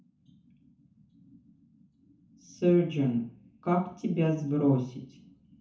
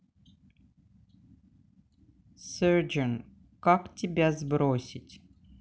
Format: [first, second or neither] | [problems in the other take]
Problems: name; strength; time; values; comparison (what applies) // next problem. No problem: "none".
second | room echo; dies away in 0.9 s